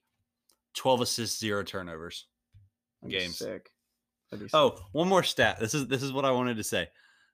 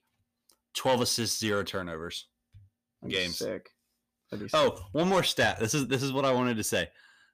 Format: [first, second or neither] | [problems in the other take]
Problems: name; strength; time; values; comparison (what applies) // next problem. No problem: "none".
first | distortion; slight; 10 dB below the speech